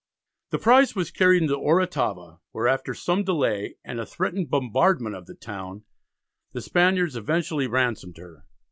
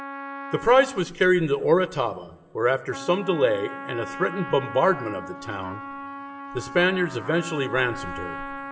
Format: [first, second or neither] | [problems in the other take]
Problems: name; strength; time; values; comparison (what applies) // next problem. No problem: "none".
first | background sound (Trumpet); 12 dB below the speech // room echo; dies away in 1.7 s